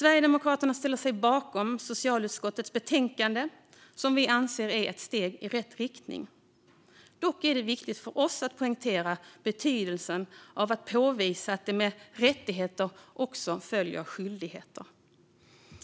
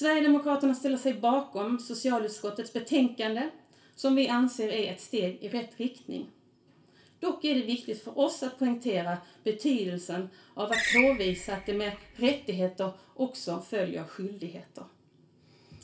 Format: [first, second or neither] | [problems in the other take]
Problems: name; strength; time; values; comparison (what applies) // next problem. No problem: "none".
first | background sound (Screech); 2 dB below the speech // room echo; dies away in 0.3 s